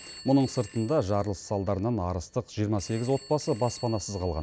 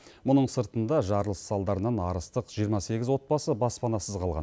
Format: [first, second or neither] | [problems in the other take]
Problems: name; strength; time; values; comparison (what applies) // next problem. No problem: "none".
second | background sound (Telephone); 20 dB below the speech